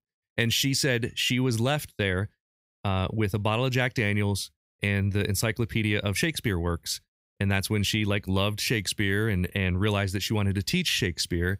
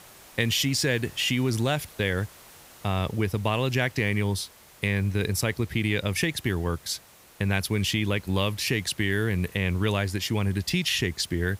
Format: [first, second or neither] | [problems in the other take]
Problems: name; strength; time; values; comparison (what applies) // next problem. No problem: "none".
first | hiss; faint; throughout; 25 dB below the speech